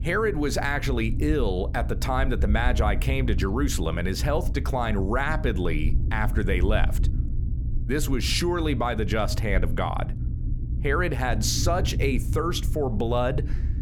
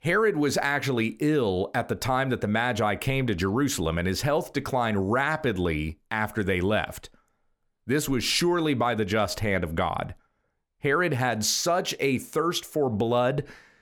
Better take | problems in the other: second | low rumble; noticeable; throughout; 15 dB below the speech

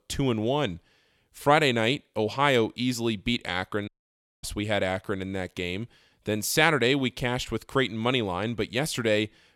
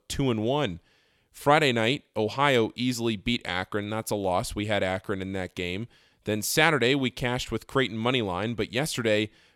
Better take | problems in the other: second | audio cutting out; at 4 s for 0.5 s

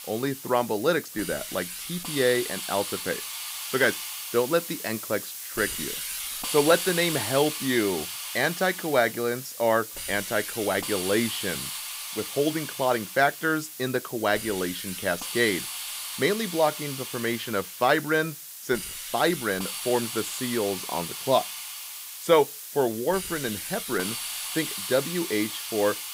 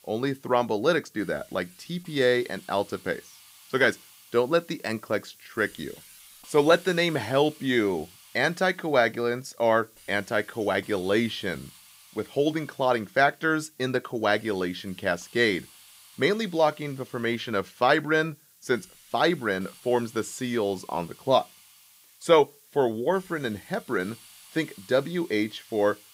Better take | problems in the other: second | hiss; loud; throughout; 6 dB below the speech; faint in the second

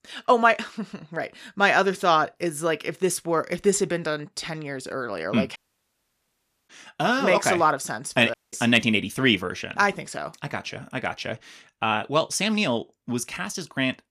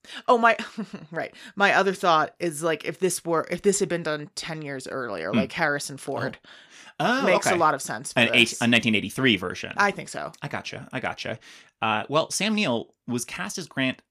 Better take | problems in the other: second | audio cutting out; at 5.5 s for 1 s and at 8.5 s

